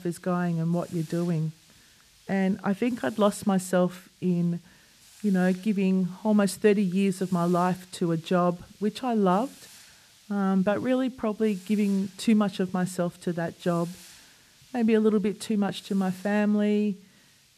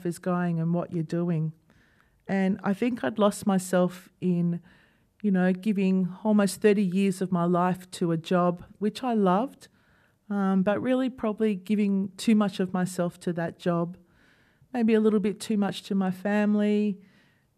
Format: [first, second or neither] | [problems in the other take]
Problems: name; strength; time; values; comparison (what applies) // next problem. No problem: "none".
second | hiss; faint; throughout; 25 dB below the speech